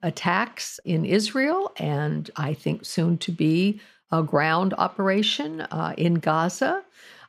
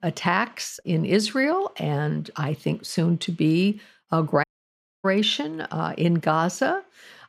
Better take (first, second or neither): first